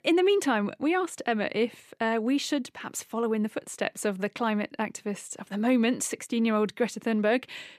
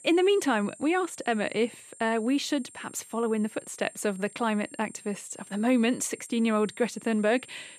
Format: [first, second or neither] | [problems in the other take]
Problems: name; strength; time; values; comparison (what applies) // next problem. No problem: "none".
first | high-pitched whine; noticeable; throughout; 8.5 kHz, 20 dB below the speech